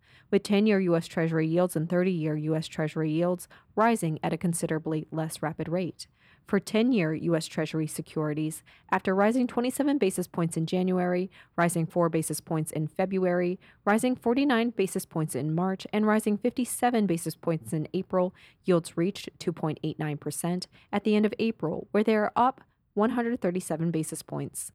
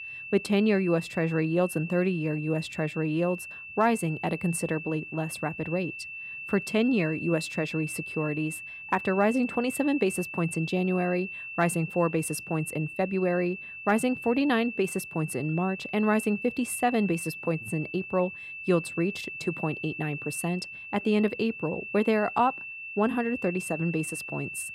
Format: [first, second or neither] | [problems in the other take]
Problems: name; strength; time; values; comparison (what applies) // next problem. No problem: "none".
first | high-pitched whine; loud; throughout; 2.5 kHz, 9 dB below the speech